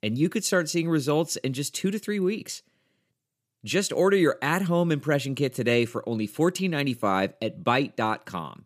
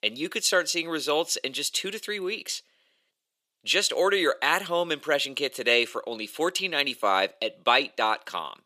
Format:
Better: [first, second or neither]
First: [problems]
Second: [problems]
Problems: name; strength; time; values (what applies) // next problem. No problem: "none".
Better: first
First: none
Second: thin; very; fading below 600 Hz